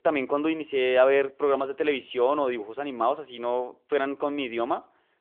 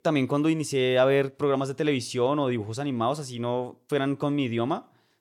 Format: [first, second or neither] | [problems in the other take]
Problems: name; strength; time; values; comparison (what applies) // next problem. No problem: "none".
second | phone-call audio; nothing above 3.5 kHz